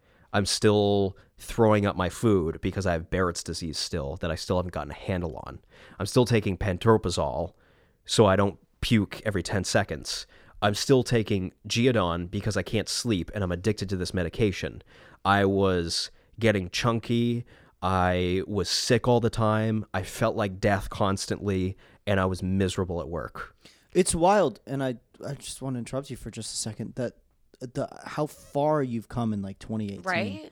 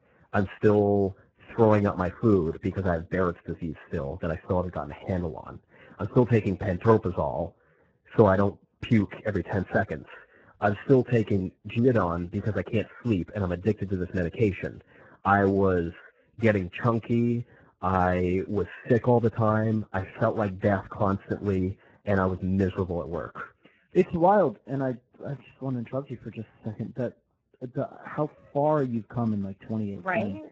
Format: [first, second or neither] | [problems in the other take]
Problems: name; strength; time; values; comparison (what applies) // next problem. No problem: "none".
first | garbled, watery; badly